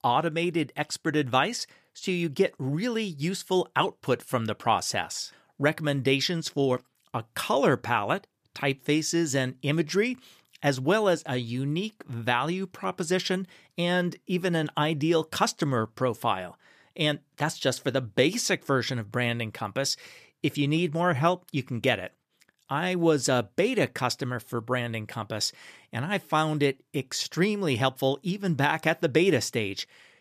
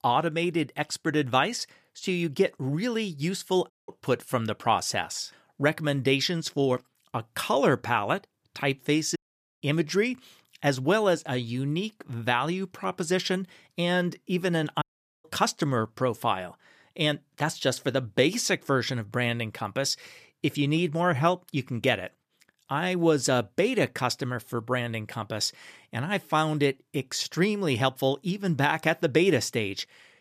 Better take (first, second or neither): first